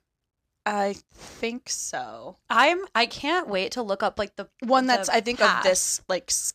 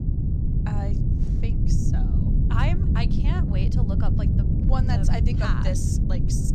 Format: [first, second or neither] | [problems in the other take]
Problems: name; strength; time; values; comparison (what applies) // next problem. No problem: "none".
first | low rumble; loud; throughout; as loud as the speech